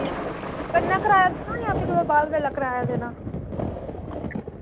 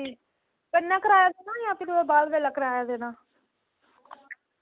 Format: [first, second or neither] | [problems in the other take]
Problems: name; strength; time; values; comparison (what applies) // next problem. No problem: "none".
second | background sound (Thunder); 4 dB below the speech